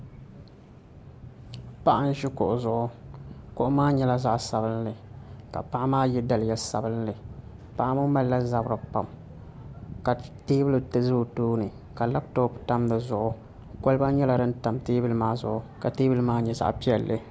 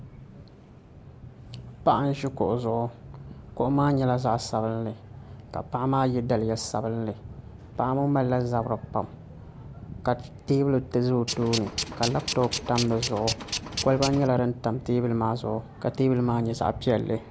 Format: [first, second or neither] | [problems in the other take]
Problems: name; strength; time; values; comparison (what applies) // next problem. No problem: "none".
first | background sound (Tools); 6 dB below the speech